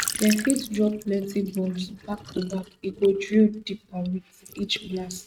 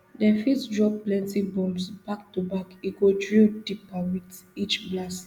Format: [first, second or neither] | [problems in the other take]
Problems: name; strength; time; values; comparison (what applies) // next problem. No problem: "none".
second | noise reduction (neural mask model RNNoise)